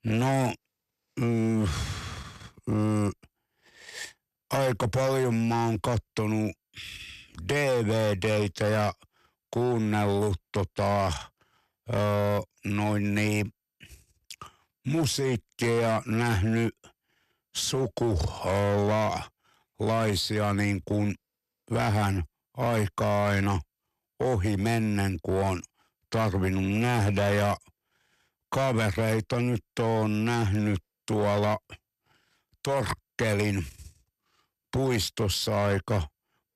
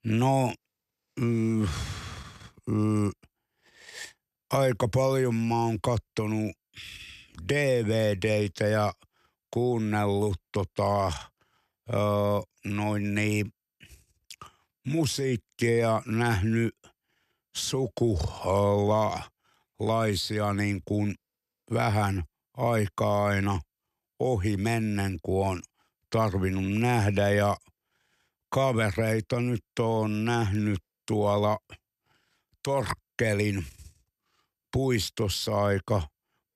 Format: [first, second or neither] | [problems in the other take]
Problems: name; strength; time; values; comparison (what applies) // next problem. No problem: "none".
second | distortion; slight; 11% of the sound clipped